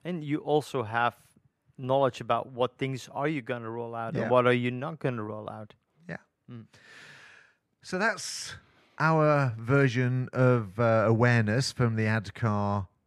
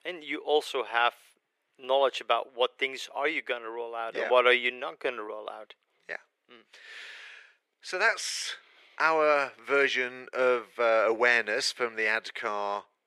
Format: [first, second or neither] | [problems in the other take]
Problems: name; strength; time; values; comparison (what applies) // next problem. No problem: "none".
first | thin; very; fading below 400 Hz